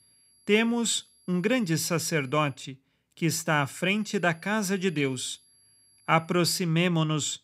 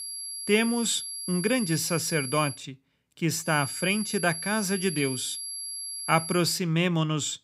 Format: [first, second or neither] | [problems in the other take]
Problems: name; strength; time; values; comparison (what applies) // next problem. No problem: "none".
first | high-pitched whine; loud; until 2.5 s and from 3.5 to 6.5 s; 11 kHz, 7 dB below the speech; faint in the first